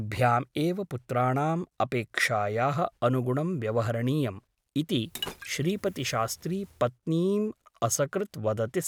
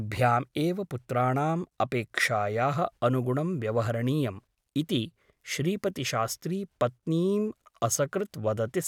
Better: second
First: background sound (Liquid); 16 dB below the speech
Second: none

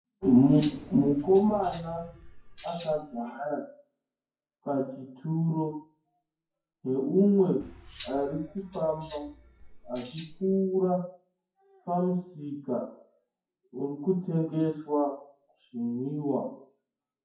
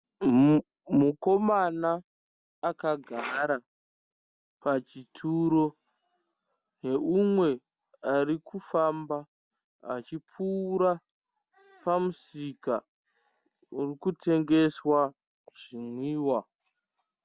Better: second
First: noise reduction (classical method WPE with log-MMSE)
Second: none

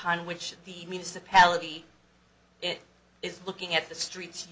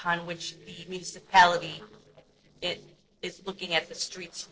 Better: first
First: none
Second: noise reduction (neural separator model SepFormer DNS4)

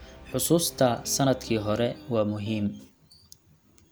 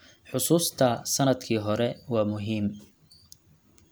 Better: second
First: background sound (Electric guitar + Brass instrument); 18 dB below the speech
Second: none

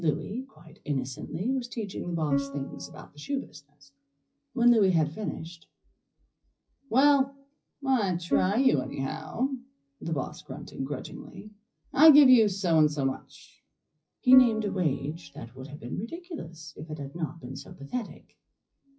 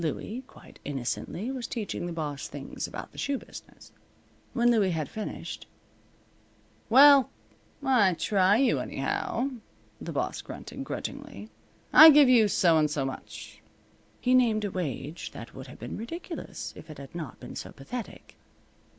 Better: second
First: noise reduction (classical method WPE with log-MMSE)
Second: none

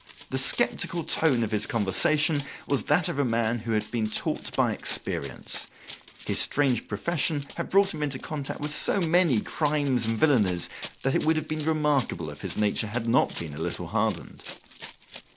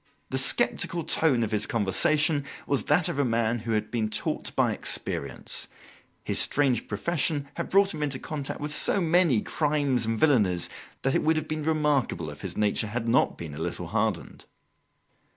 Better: second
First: background sound (Run); 19 dB below the speech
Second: none

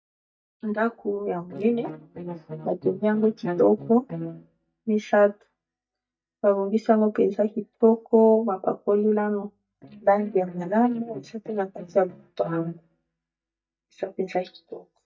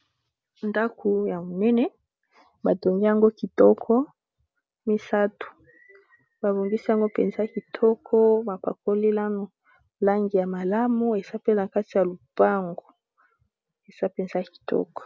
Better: second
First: noise reduction (neural mask model DeepFilterNet 3)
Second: none

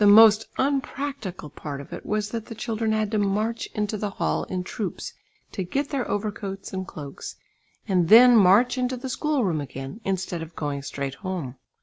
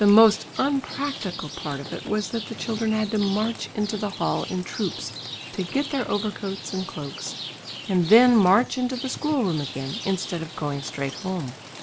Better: first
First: none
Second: background sound (Rain); 12 dB below the speech

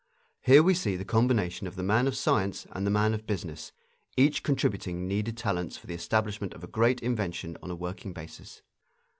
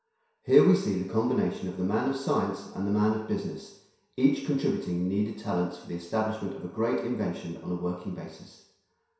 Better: first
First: none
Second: room echo; dies away in 0.7 s

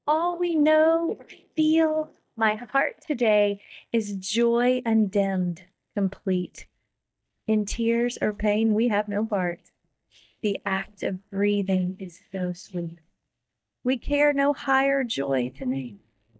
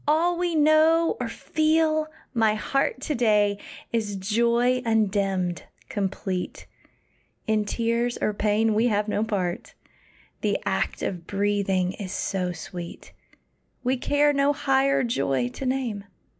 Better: second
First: noise reduction (neural mask model DeepFilterNet 3)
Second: none

